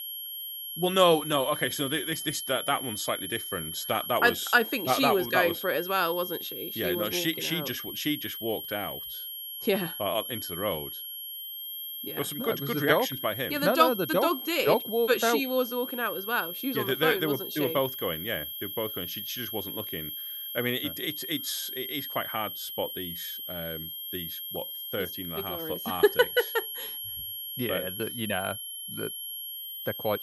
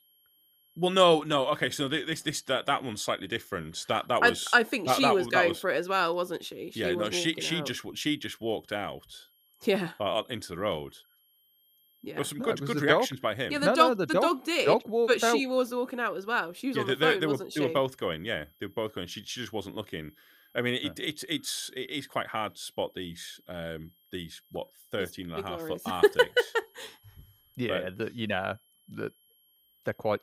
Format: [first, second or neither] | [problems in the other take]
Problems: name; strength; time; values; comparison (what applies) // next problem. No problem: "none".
second | high-pitched whine; loud; throughout; 3 kHz, 6 dB below the speech; faint in the second